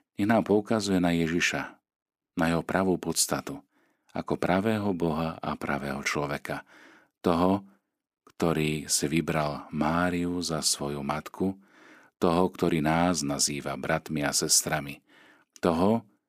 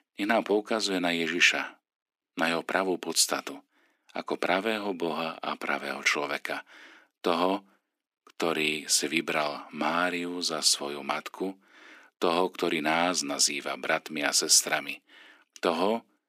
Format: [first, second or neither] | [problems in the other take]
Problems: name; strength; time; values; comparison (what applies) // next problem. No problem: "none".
first | thin; very slightly; fading below 250 Hz